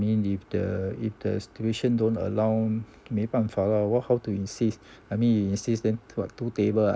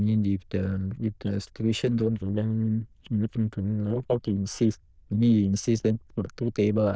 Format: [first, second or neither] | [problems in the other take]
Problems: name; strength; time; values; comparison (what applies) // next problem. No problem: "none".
first | noise reduction (neural diffusion model UNIVERSE++)